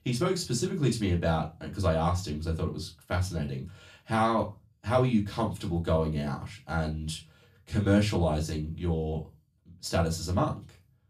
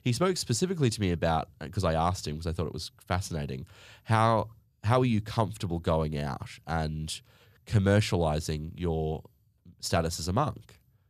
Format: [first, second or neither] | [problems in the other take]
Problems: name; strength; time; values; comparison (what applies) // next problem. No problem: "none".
second | off-mic speech; far // room echo; very slight; dies away in 0.2 s